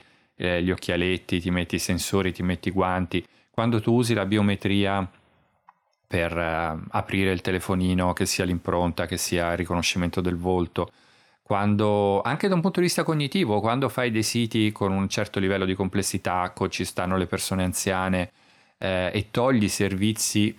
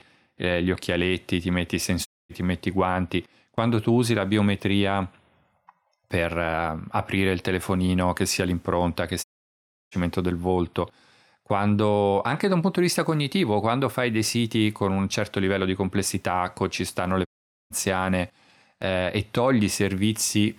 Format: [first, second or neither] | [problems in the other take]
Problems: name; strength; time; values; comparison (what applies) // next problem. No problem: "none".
first | audio cutting out; at 2 s, at 9 s for 0.5 s and at 17 s